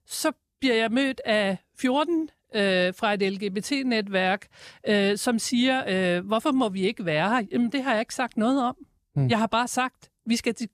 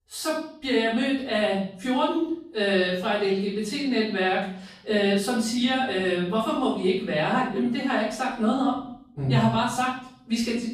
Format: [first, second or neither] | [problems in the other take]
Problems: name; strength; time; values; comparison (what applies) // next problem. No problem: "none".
first | off-mic speech; far // room echo; noticeable; dies away in 0.6 s